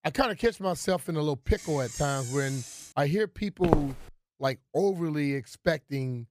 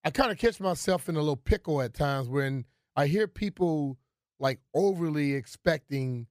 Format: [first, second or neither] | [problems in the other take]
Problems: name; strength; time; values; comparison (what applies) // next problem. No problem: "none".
second | door banging; noticeable; from 1.5 to 3 s; peak 8 dB below the speech // footsteps; loud; at 3.5 s; peak 1 dB above the speech